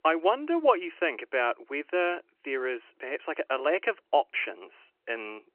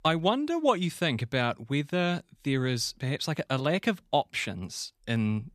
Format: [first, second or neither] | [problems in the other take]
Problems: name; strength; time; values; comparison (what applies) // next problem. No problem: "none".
second | phone-call audio